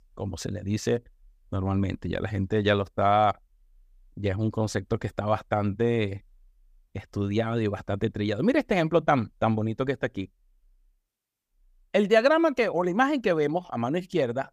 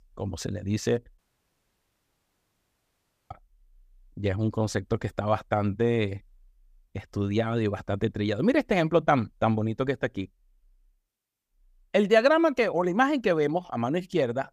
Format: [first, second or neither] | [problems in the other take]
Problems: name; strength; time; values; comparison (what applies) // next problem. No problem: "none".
first | audio cutting out; at 1 s for 2 s